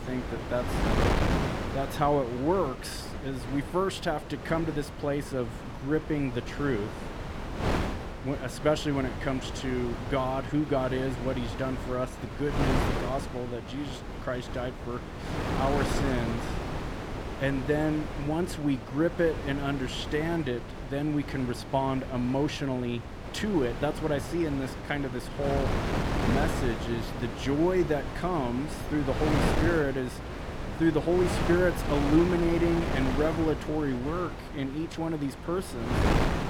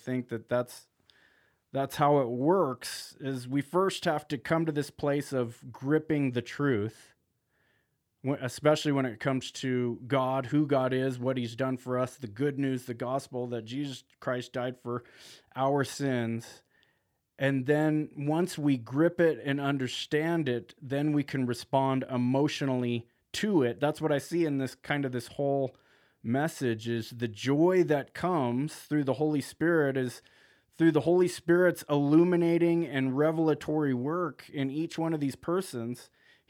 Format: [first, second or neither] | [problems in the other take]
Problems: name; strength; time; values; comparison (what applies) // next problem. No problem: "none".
second | wind noise on the microphone; heavy; 4 dB below the speech